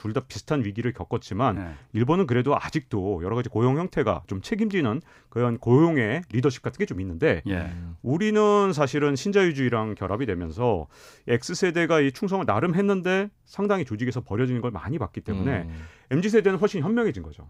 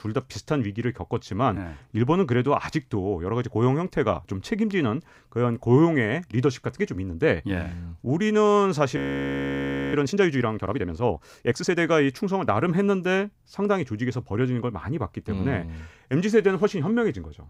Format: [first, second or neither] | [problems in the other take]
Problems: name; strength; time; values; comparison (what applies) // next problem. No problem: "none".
first | audio freezing; at 9 s for 1 s